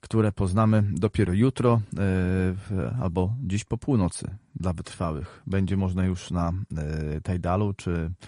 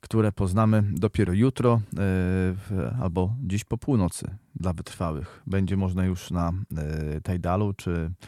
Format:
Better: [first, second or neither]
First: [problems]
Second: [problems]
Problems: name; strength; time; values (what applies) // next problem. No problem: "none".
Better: second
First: garbled, watery; slightly; nothing above 10.5 kHz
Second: none